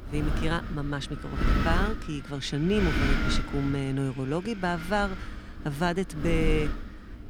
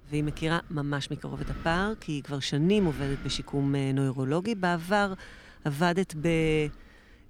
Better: second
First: wind noise on the microphone; heavy; 4 dB below the speech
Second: wind noise on the microphone; occasional gusts; 20 dB below the speech

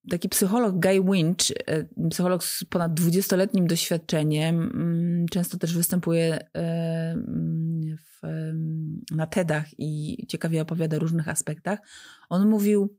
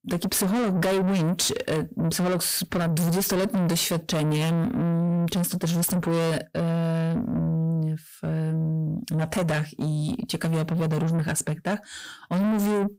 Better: first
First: none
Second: distortion; heavy; 8 dB below the speech

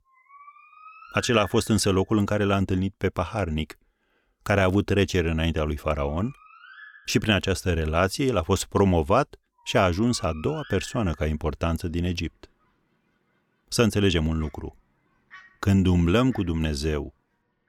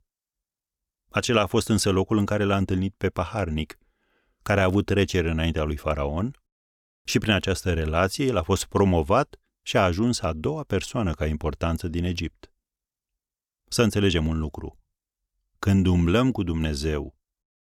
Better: second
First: animal sounds; faint; throughout; 20 dB below the speech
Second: none

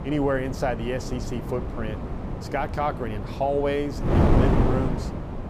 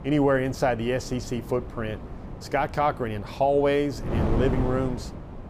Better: second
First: wind noise on the microphone; heavy; 4 dB below the speech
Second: wind noise on the microphone; occasional gusts; 15 dB below the speech

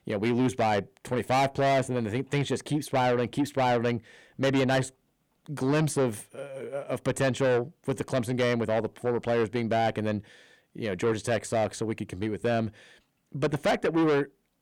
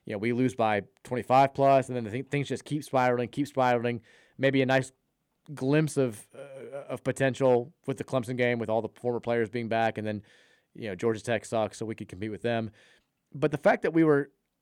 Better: second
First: distortion; heavy; 7 dB below the speech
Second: none

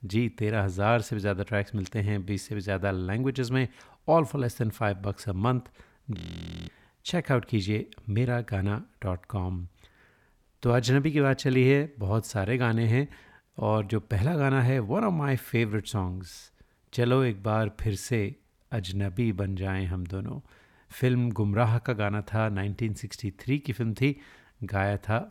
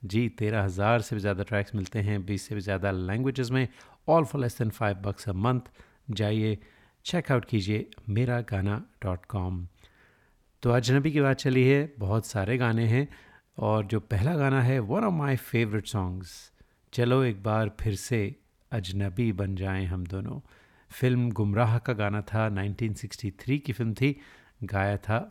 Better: second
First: audio freezing; at 6 s for 0.5 s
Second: none

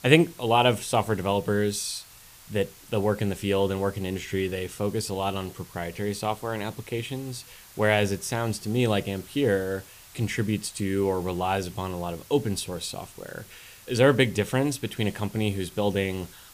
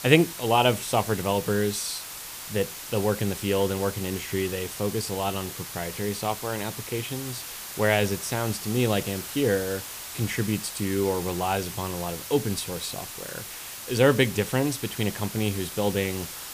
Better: first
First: hiss; faint; throughout; 20 dB below the speech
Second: hiss; loud; throughout; 8 dB below the speech

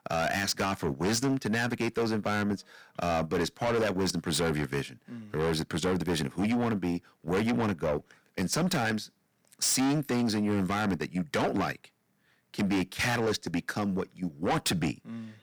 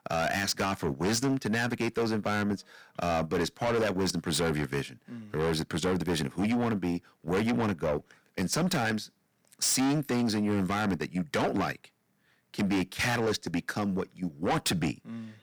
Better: neither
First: distortion; heavy; 6 dB below the speech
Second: distortion; heavy; 6 dB below the speech

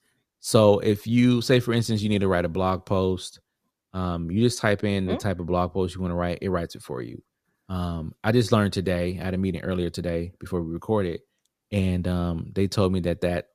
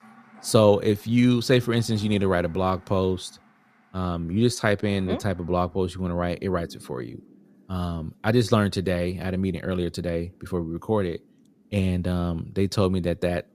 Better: first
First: none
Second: rain or running water; faint; throughout; 30 dB below the speech

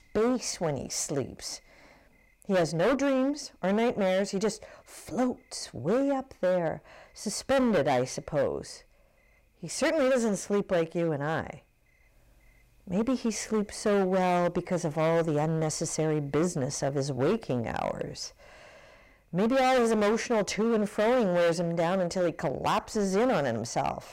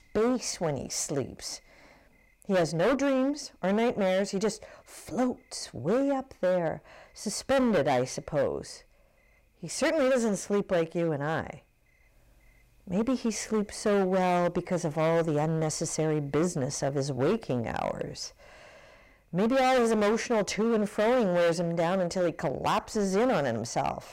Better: neither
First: distortion; heavy; 12% of the sound clipped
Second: distortion; heavy; 12% of the sound clipped

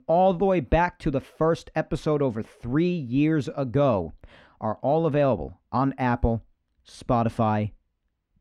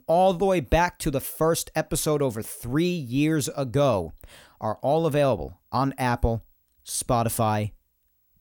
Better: second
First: muffled; slightly; fading above 2.5 kHz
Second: none

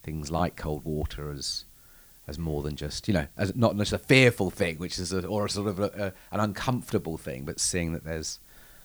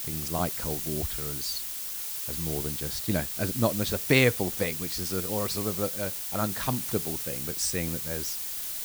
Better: first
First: hiss; faint; throughout; 25 dB below the speech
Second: hiss; loud; throughout; 1 dB below the speech

